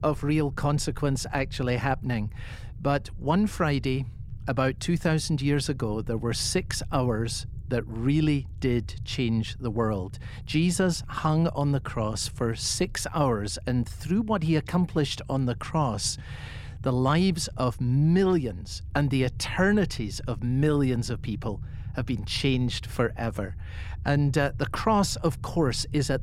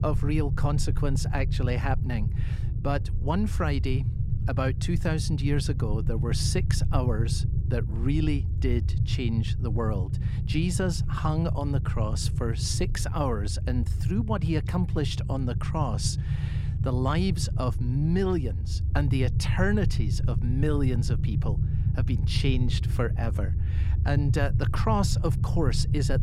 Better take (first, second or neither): first